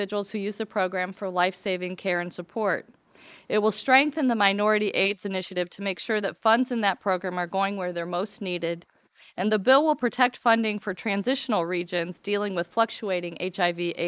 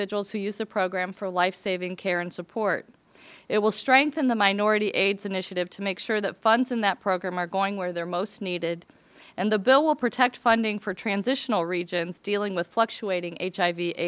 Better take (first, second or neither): second